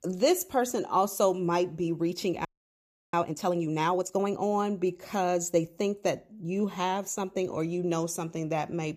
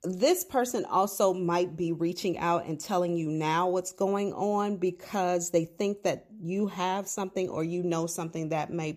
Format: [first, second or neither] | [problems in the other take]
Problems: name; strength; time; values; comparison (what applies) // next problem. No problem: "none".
second | audio freezing; at 2.5 s for 0.5 s